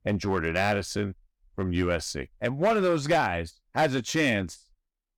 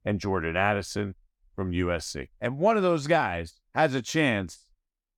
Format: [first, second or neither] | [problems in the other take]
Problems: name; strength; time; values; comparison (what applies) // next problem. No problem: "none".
second | distortion; slight; 4% of the sound clipped